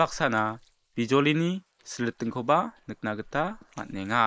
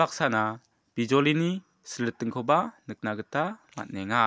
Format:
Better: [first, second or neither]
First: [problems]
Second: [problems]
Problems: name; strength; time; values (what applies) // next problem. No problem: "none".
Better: second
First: noise reduction (neural mask model Resemble Enhance denoiser)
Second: none